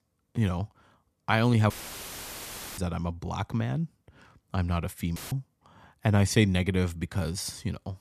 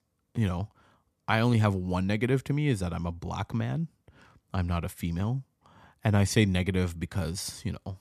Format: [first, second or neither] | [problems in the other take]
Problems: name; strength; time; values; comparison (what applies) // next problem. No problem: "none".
second | audio cutting out; filled with static; at 1.5 s for 1 s and at 5 s